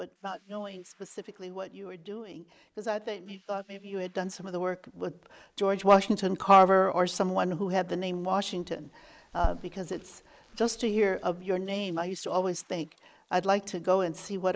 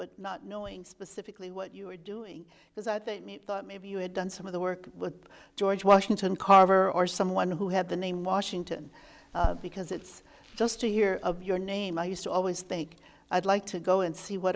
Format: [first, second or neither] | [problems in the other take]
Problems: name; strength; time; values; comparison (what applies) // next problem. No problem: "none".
second | noise reduction (neural mask model Resemble Enhance denoiser)